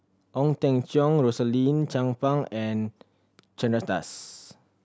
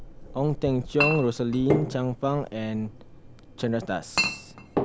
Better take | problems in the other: first | background sound (Chink, clink); 4 dB below the speech

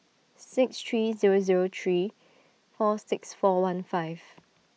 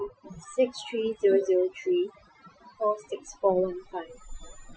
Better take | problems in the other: first | noise reduction (classical method Wiener filter)

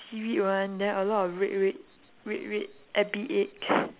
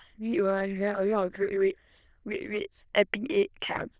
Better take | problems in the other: first | noise reduction (neural diffusion model UNIVERSE++)

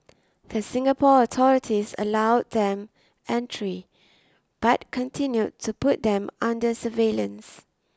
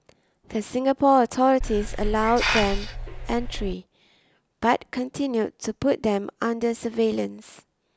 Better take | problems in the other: first | background sound (Hiss); 3 dB below the speech

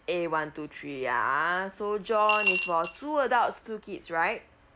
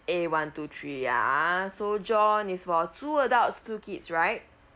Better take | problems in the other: second | background sound (Coin (dropping) / Glass); 1 dB below the speech

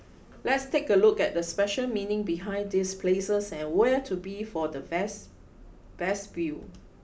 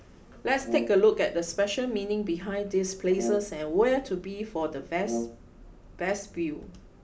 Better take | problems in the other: first | background sound (Brass instrument); 9 dB below the speech

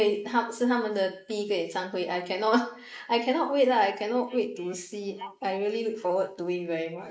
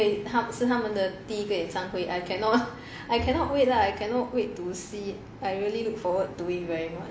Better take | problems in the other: second | noise reduction (neural mask model Resemble Enhance denoiser)

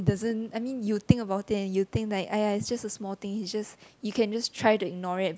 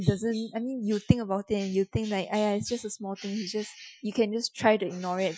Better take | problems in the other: first | noise reduction (classical method Wiener filter)

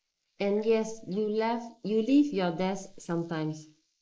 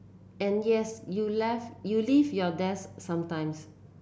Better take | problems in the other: second | noise reduction (neural mask model Resemble Enhance denoiser)

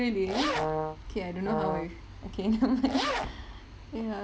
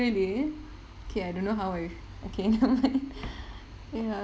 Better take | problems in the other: second | background sound (Zipper (clothing) + Brass instrument); 2 dB below the speech

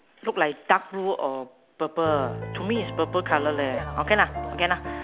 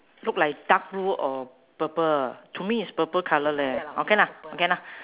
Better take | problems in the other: second | background sound (Piano); 8 dB below the speech

